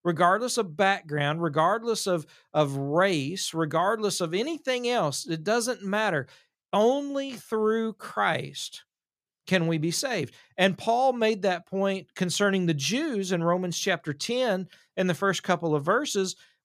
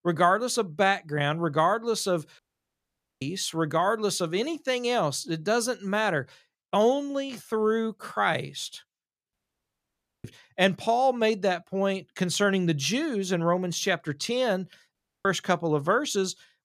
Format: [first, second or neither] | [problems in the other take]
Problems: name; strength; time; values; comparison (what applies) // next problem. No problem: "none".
first | audio cutting out; at 2.5 s for 1 s, at 9.5 s for 1 s and at 15 s